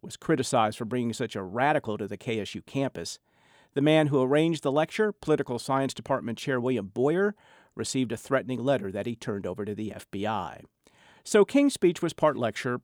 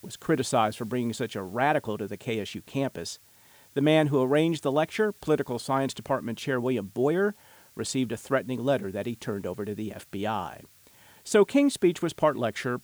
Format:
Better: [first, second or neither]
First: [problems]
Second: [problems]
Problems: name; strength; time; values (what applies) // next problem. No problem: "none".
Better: first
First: none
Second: hiss; faint; throughout; 25 dB below the speech